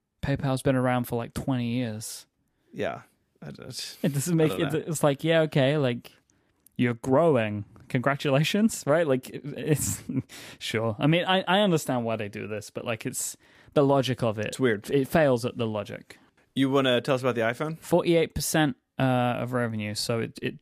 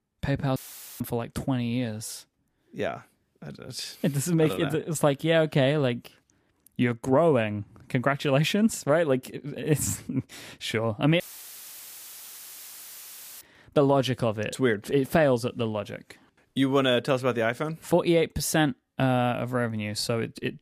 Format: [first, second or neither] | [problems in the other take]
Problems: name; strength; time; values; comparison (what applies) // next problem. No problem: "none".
first | audio cutting out; filled with static; at 0.5 s and at 11 s for 2 s